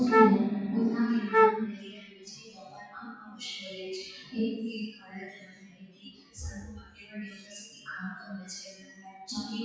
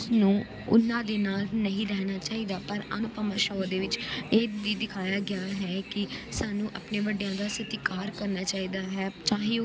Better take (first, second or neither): second